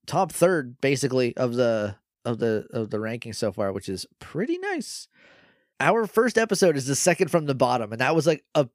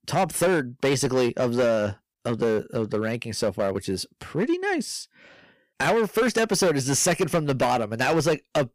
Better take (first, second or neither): first